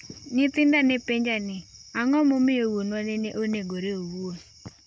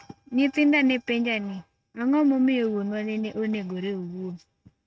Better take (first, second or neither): first